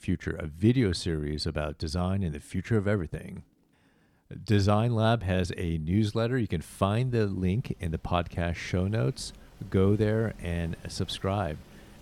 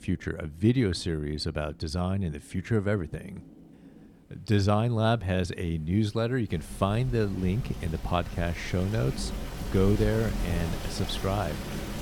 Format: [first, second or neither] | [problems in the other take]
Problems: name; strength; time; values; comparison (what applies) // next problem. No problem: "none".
first | rain or running water; loud; throughout; 9 dB below the speech; faint in the first